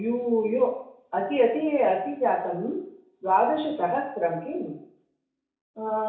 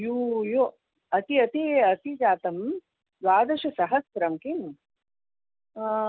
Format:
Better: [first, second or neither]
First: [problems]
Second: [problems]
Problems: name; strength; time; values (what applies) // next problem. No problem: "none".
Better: second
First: room echo; dies away in 0.6 s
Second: none